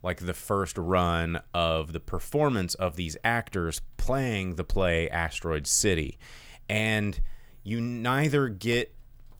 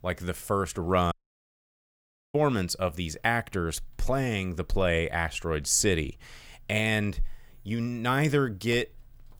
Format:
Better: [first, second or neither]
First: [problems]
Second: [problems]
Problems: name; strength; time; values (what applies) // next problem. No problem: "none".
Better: first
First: none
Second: audio cutting out; at 1 s for 1 s